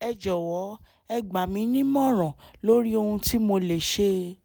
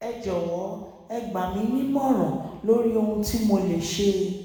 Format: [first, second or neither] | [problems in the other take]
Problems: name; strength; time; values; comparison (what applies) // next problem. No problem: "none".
first | room echo; dies away in 1.1 s